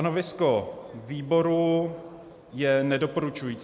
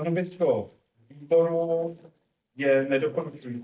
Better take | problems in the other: first | noise reduction (neural mask model DeepFilterNet 3)

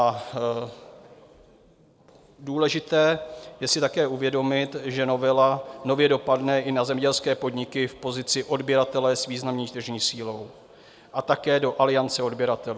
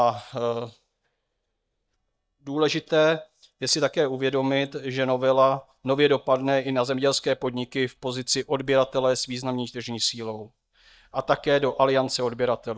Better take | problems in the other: first | noise reduction (neural mask model DeepFilterNet 3)

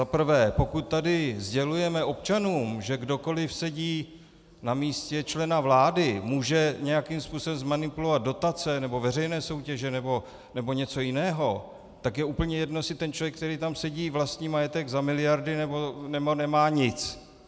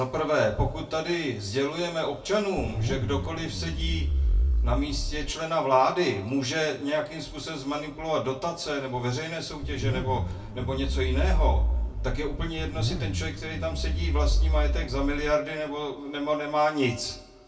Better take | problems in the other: first | background sound (Zipper (clothing)); 2 dB above the speech // room echo; dies away in 0.3 s

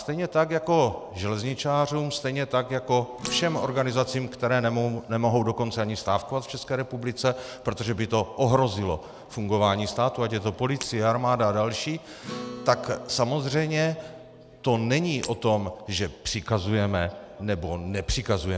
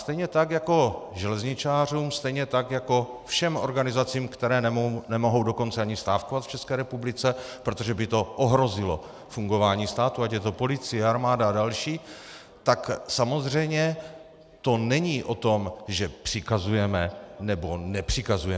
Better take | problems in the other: second | background sound (Shatter + Acoustic guitar); 19 dB below the speech

